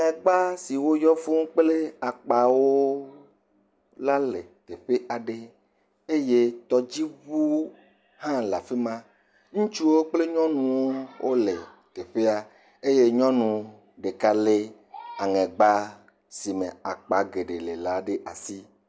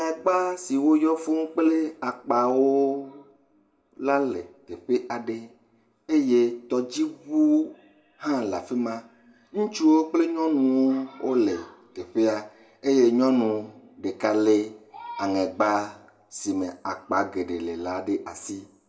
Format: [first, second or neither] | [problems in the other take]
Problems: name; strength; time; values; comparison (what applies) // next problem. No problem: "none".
first | room echo; dies away in 0.3 s